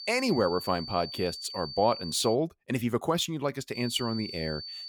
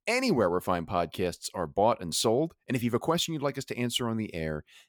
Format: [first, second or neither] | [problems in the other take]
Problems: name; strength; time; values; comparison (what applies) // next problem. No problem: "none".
second | high-pitched whine; loud; until 2.5 s and from 4 s on; 4.5 kHz, 9 dB below the speech